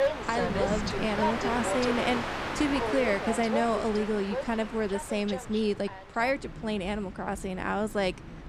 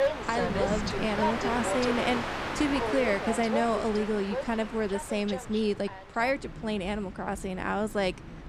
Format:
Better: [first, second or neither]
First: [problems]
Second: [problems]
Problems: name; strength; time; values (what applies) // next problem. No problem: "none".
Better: neither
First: train or aircraft noise; loud; throughout; 2 dB below the speech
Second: train or aircraft noise; loud; throughout; 2 dB below the speech